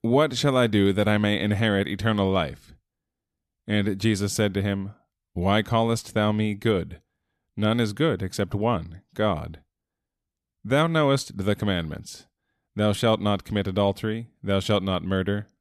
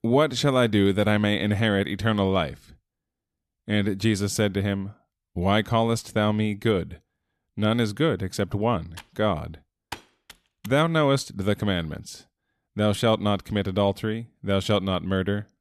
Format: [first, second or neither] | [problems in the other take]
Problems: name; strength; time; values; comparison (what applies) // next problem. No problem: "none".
first | keyboard typing; faint; from 9 to 11 s; peak 15 dB below the speech